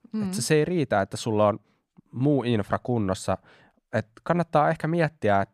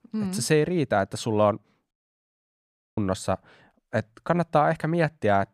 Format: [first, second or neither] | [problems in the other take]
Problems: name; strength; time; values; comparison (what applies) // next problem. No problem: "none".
first | audio cutting out; at 2 s for 1 s